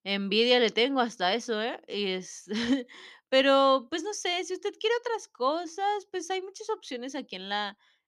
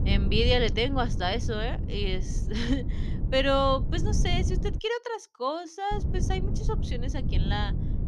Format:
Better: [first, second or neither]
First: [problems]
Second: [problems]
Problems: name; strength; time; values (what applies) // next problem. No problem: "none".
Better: first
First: none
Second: wind noise on the microphone; occasional gusts; until 5 s and from 6 s on; 15 dB below the speech